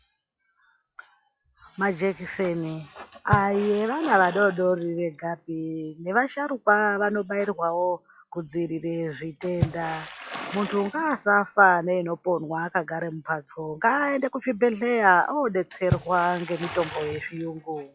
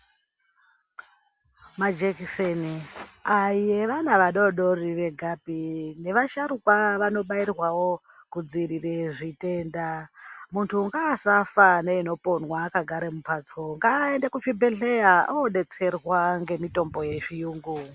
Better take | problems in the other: second | noise reduction (classical method log-MMSE)

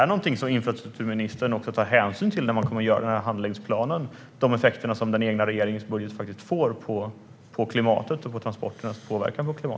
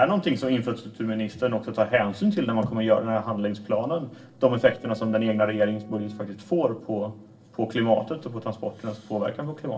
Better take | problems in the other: first | noise reduction (neural separator model SepFormer DNS4)

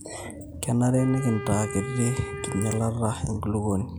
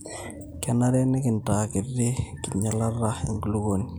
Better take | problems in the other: second | background sound (Wind instrument, woodwind instrument); 12 dB below the speech

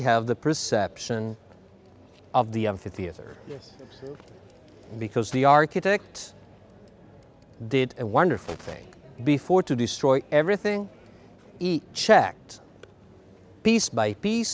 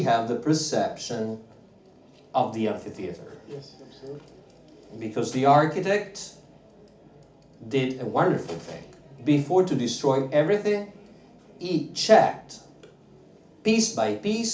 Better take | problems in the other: first | room echo; dies away in 0.4 s

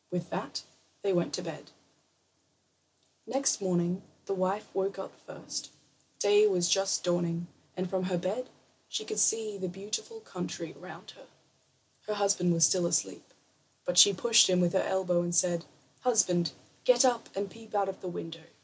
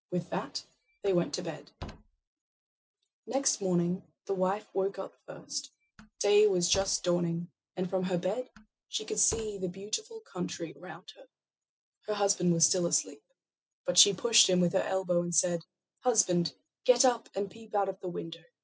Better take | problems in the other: first | noise reduction (classical method spectral subtraction)

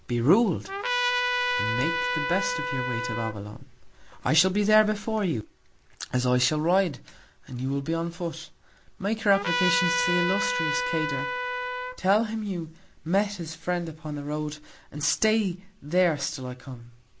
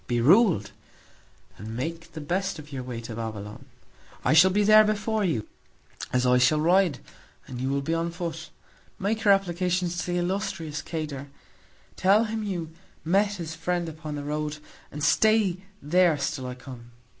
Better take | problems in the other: second | background sound (Trumpet); 1 dB below the speech

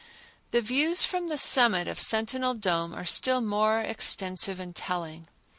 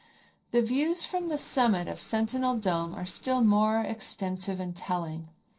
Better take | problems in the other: first | noise reduction (neural separator model SepFormer DNS4)

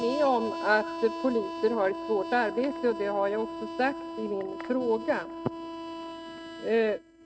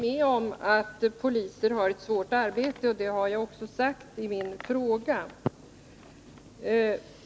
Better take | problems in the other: second | noise reduction (neural mask model RNNoise)

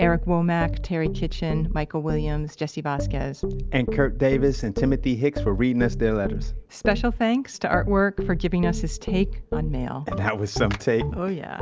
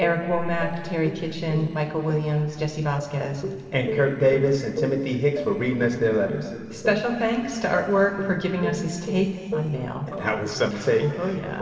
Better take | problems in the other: first | noise reduction (neural separator model SepFormer DNS4)

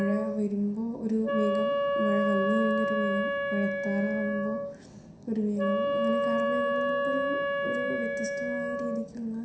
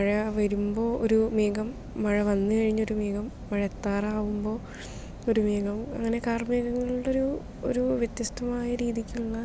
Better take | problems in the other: second | background sound (Wind instrument, woodwind instrument); 1 dB above the speech // room echo; dies away in 0.7 s

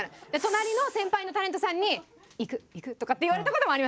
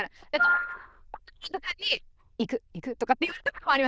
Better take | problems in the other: first | noise reduction (neural diffusion model UNIVERSE++)

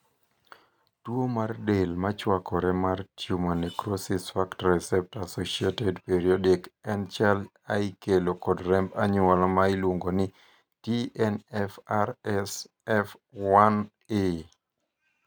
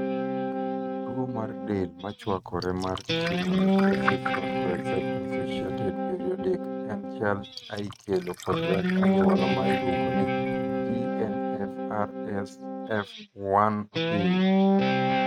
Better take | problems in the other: first | noise reduction (neural mask model RNNoise)

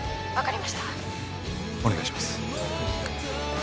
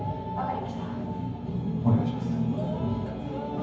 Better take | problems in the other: first | room echo; dies away in 0.9 s

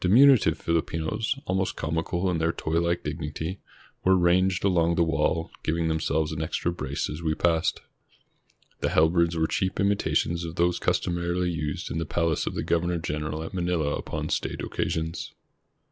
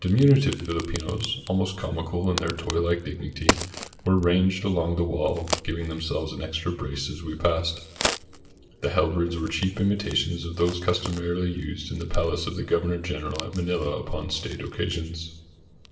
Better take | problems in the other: first | background sound (Crack); 10 dB below the speech // room echo; dies away in 0.7 s

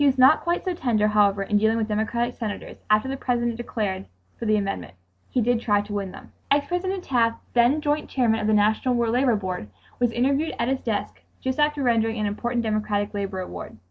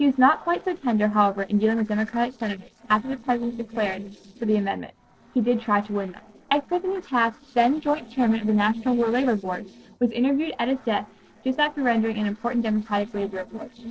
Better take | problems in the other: first | noise reduction (neural separator model SepFormer DNS4)

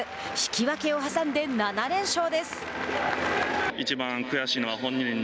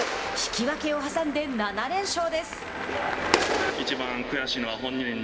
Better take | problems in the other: first | background sound (Clapping); 5 dB below the speech // room echo; dies away in 2.8 s

